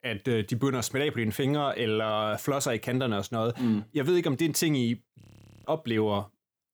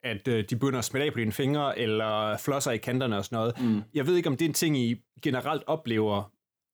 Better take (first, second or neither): second